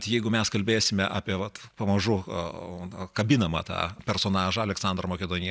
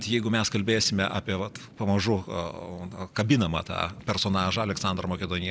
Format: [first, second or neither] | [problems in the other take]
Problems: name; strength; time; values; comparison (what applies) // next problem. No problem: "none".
first | background sound (Thunder / Rain); 18 dB below the speech